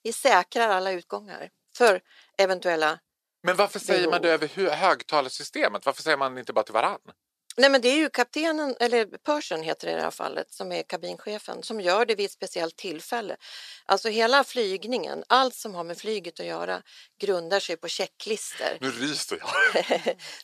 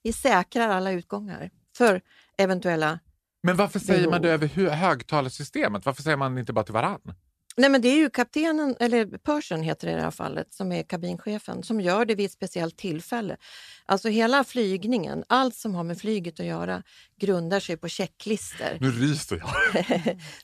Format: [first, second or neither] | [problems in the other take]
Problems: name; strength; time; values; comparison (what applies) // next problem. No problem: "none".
second | thin; somewhat; fading below 500 Hz